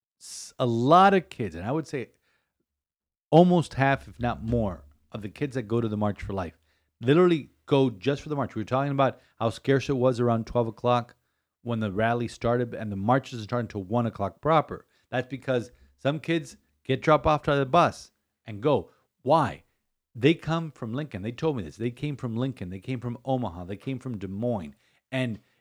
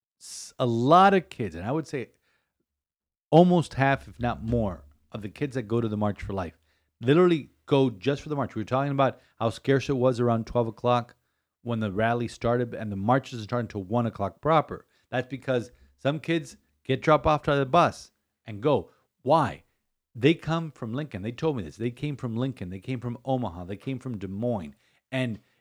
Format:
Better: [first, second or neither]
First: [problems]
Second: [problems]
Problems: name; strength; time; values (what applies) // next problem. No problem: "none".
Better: neither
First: none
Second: none